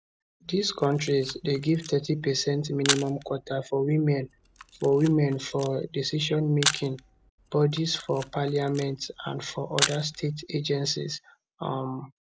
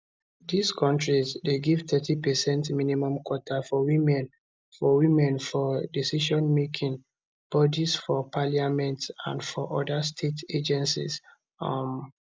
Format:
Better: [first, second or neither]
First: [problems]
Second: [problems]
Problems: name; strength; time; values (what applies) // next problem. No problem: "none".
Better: second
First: background sound (Camera); 9 dB below the speech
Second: none